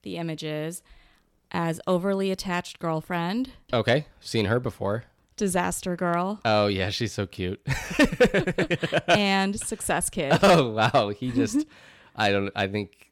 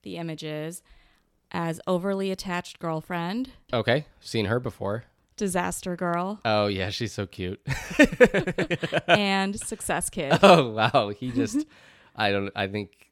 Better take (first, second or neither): second